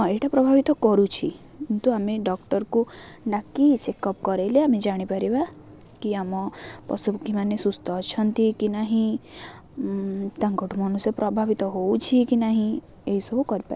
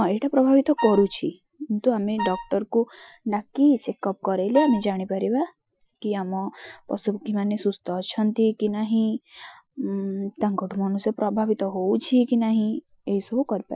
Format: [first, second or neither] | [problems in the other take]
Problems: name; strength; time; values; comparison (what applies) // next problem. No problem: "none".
first | noise reduction (classical method Wiener filter)